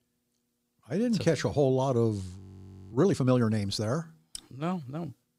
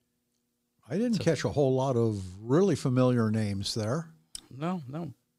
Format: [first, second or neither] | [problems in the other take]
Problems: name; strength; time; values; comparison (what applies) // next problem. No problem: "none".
second | audio freezing; at 2.5 s for 0.5 s